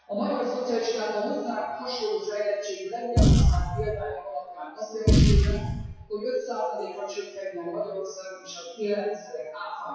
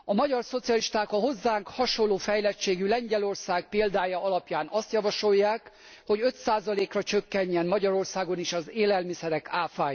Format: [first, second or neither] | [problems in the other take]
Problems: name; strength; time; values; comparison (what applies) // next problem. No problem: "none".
second | noise reduction (classical method WPE with log-MMSE)